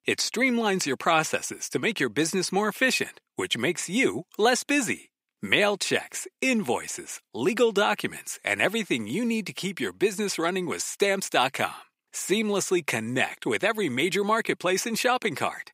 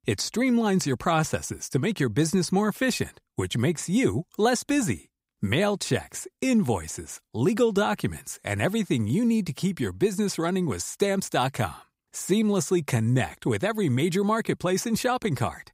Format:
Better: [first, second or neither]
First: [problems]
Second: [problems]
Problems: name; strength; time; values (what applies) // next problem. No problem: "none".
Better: second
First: thin; very slightly; fading below 300 Hz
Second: none